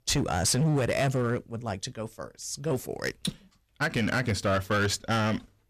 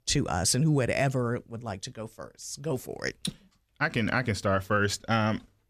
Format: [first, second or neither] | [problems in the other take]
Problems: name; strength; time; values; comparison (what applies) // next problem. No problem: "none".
second | distortion; slight; 9% of the sound clipped